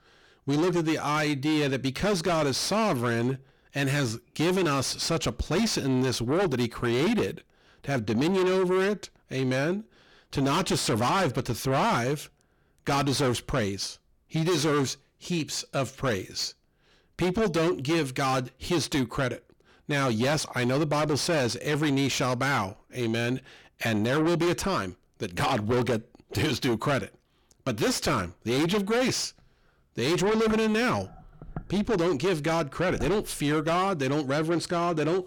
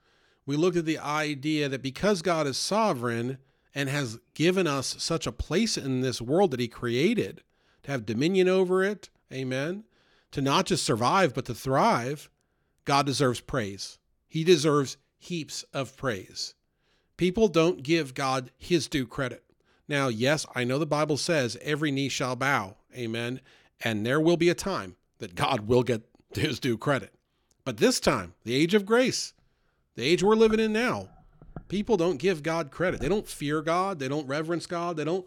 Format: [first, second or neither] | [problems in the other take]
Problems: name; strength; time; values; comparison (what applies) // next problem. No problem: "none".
second | distortion; heavy; 6 dB below the speech